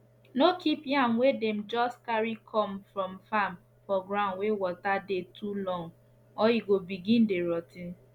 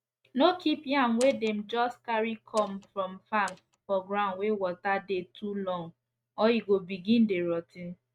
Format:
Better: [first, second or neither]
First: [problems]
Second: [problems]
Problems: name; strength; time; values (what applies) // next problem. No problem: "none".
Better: first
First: none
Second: noise reduction (neural mask model RNNoise)